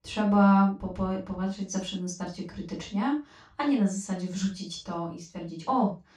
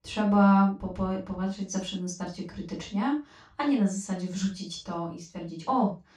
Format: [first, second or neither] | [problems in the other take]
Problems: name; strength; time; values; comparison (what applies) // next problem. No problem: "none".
neither | room echo; noticeable; dies away in 0.2 s; the same in both // off-mic speech; far; the same in both